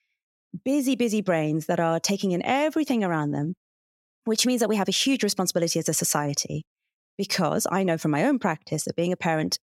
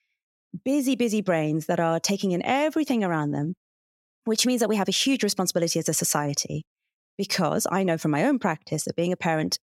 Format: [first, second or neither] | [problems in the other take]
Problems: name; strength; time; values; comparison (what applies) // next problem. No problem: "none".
neither | none